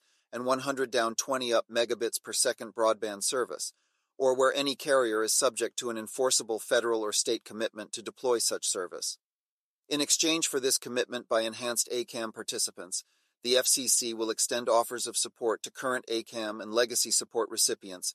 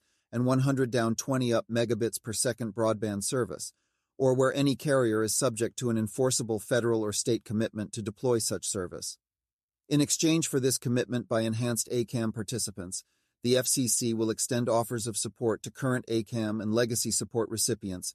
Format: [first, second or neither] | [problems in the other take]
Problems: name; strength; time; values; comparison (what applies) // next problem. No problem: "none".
second | thin; somewhat; fading below 500 Hz